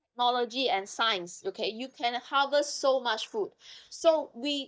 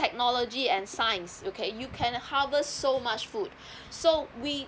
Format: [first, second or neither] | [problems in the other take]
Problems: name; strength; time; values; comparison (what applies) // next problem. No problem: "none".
second | noise reduction (neural mask model DeepFilterNet 3)